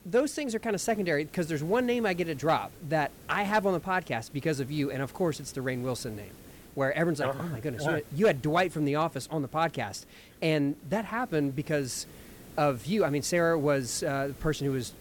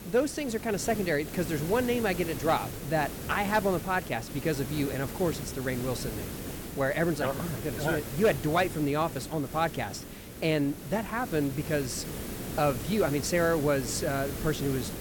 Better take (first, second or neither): first